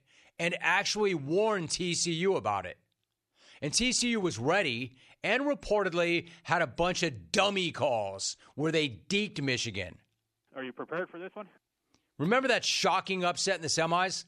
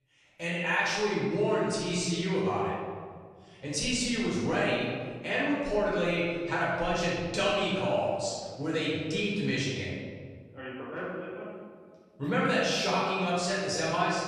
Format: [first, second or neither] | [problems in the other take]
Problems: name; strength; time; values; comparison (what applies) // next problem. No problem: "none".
first | room echo; strong; dies away in 1.8 s // off-mic speech; far